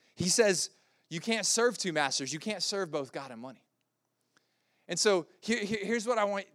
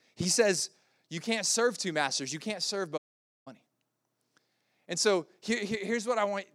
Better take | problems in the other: first | audio cutting out; at 3 s

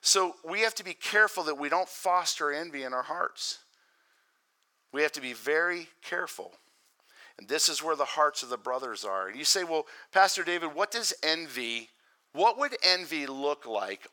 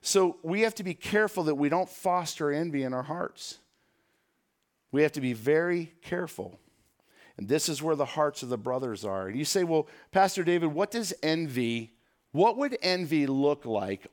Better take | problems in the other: second | thin; very; fading below 600 Hz

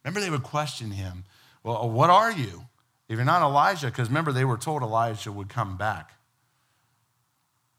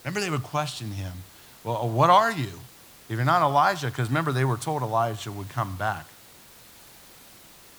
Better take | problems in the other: first | hiss; faint; throughout; 20 dB below the speech

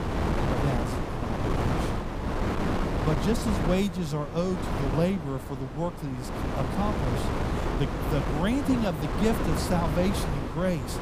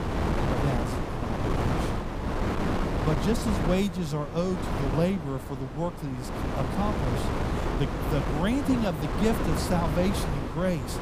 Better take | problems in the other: neither | wind noise on the microphone; heavy; as loud as the speech; the same in both

